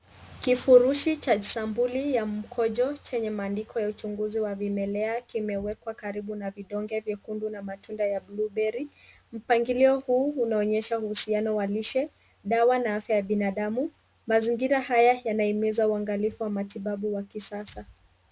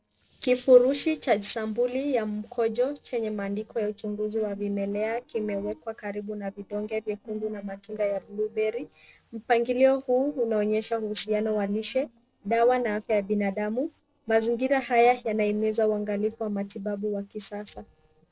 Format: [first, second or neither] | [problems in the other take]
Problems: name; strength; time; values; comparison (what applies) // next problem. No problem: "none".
first | noise reduction (neural separator model SepFormer DNS4)